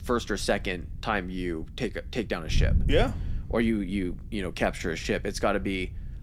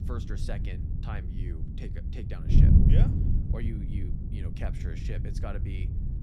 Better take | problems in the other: first | wind noise on the microphone; heavy; 3 dB above the speech; occasional gusts in the first

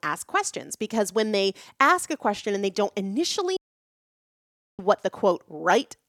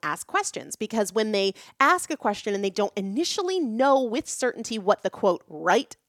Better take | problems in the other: second | audio cutting out; at 3.5 s for 1 s

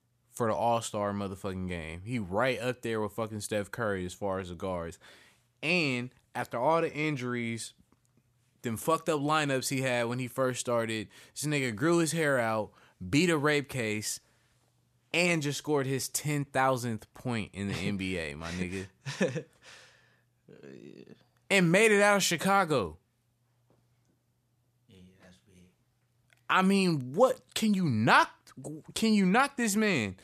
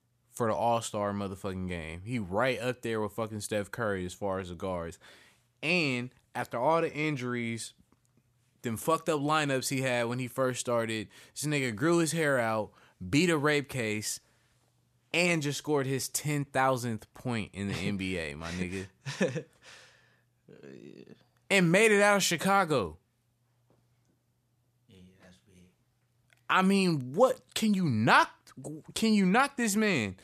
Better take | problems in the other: neither | none

